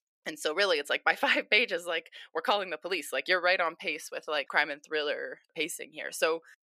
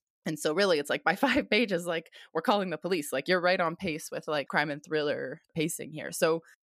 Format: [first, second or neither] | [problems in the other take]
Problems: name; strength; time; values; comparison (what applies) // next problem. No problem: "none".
second | thin; somewhat; fading below 450 Hz